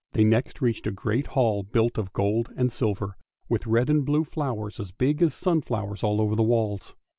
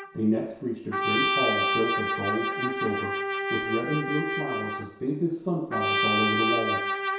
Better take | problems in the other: first | background sound (Trumpet); 2 dB above the speech // room echo; dies away in 0.7 s

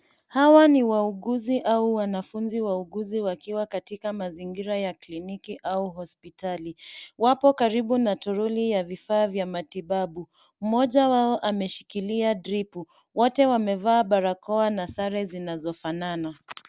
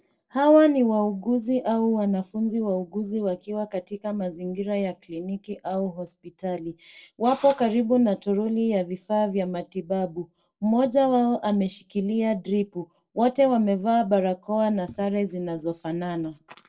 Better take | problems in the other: first | noise reduction (neural separator model SepFormer DNS4)

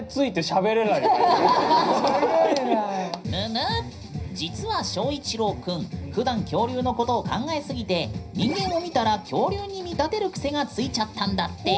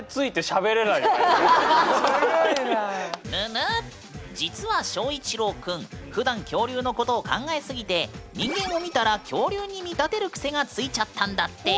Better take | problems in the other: second | room echo; dies away in 0.4 s

